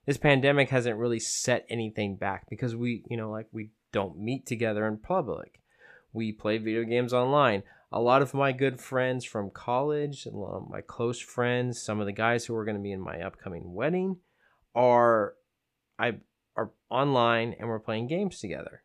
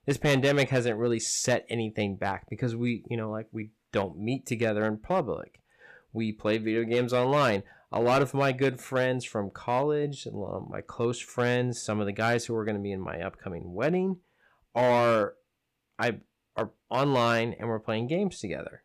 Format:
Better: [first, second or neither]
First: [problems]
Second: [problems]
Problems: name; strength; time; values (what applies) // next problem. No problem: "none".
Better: first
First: none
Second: distortion; slight; 3% of the sound clipped